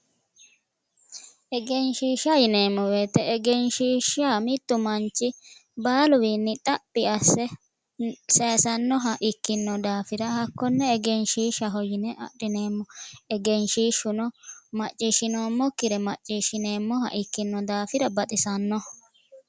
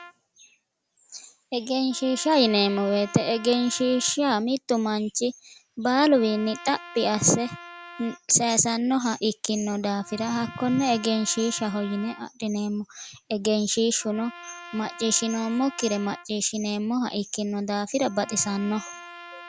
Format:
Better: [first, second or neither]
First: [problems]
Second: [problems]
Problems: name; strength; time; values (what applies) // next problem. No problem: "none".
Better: first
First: none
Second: background sound (Trumpet); 19 dB below the speech